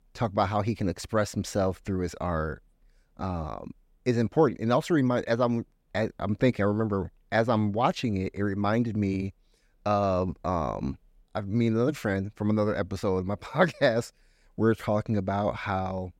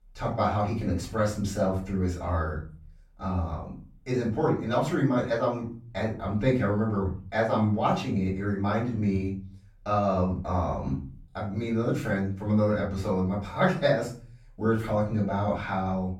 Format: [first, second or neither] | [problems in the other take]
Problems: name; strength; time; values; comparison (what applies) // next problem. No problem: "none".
first | off-mic speech; far // room echo; slight; dies away in 0.4 s